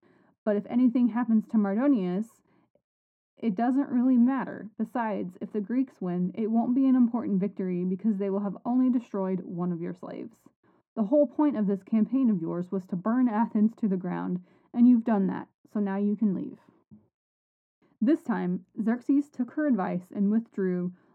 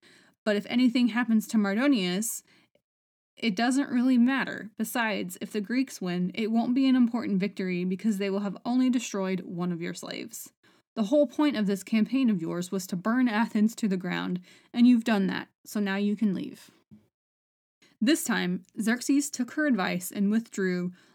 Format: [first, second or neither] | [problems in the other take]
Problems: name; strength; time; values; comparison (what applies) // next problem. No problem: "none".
second | muffled; very; fading above 2 kHz